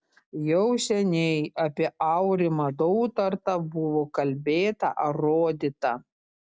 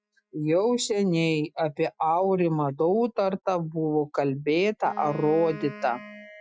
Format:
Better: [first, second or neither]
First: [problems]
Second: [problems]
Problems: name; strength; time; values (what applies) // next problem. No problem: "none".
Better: first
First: none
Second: noise reduction (classical method Wiener filter)